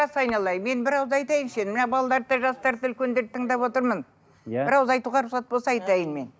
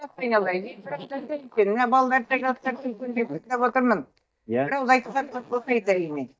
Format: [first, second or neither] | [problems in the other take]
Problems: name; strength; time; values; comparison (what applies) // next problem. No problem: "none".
first | noise reduction (neural mask model DeepFilterNet 3)